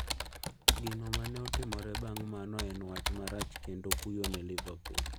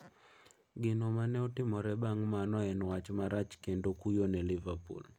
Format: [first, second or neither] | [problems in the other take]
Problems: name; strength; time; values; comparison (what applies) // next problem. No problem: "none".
second | background sound (Computer keyboard); 4 dB above the speech